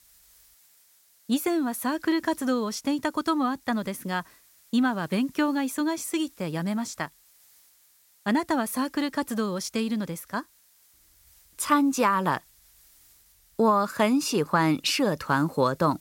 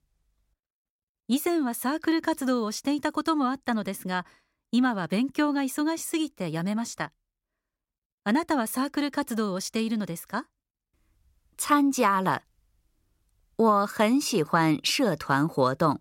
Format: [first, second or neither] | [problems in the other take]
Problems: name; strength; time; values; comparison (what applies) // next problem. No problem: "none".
second | hiss; faint; throughout; 30 dB below the speech